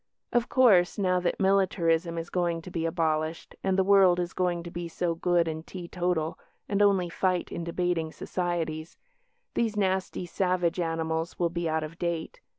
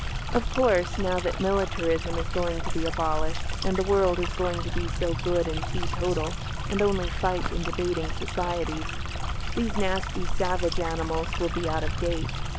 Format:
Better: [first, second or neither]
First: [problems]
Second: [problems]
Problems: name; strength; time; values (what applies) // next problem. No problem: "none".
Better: first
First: none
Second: background sound (Stream); as loud as the speech